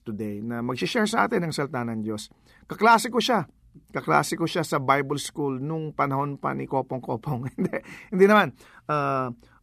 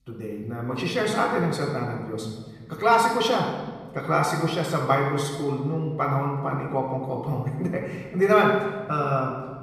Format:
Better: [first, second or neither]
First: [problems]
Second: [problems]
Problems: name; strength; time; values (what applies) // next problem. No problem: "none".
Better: first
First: none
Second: off-mic speech; far // room echo; noticeable; dies away in 1.3 s